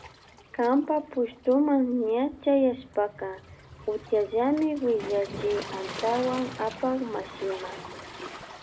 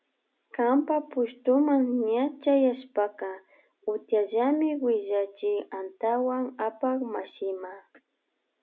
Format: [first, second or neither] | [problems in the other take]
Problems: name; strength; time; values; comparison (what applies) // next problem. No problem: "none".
second | background sound (Waves, surf); 15 dB below the speech